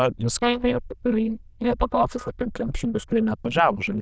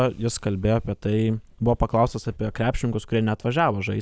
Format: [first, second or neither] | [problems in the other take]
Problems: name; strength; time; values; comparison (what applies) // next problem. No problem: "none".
second | noise reduction (neural diffusion model UNIVERSE++)